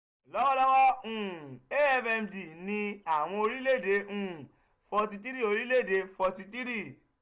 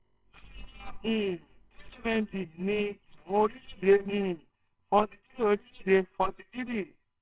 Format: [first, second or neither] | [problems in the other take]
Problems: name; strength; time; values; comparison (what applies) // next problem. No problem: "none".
first | noise reduction (neural separator model SepFormer WHAMR!)